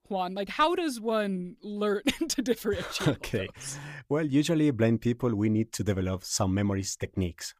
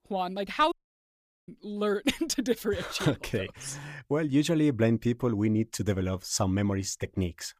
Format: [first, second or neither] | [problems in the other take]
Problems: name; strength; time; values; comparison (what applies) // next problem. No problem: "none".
first | audio cutting out; at 0.5 s for 1 s